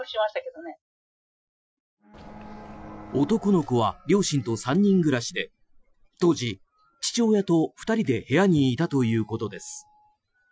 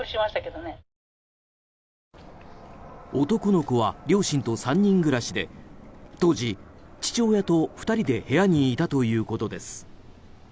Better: second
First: noise reduction (classical method Wiener filter)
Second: none

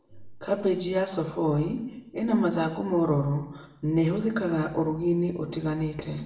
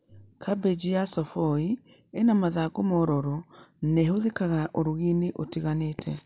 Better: second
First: room echo; dies away in 0.8 s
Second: none

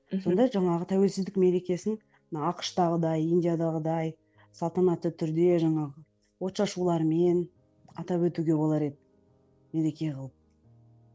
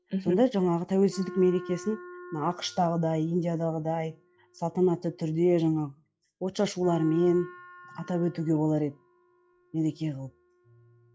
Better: first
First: none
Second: noise reduction (classical method log-MMSE)

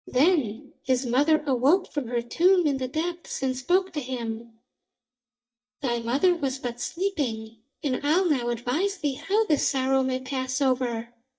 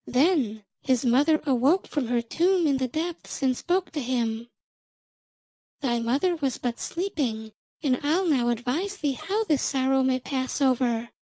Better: second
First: noise reduction (neural mask model DeepFilterNet 3)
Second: none

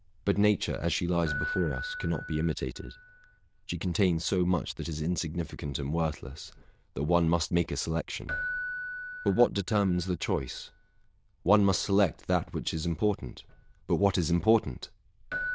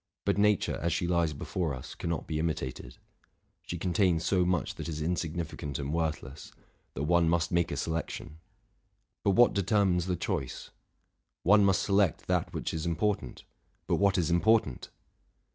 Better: second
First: noise reduction (neural diffusion model UNIVERSE++)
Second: none

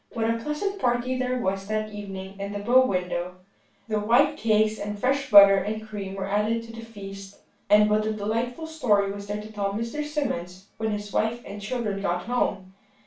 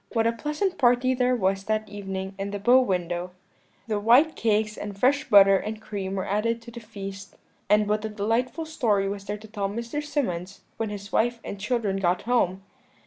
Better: second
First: room echo; dies away in 0.3 s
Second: none

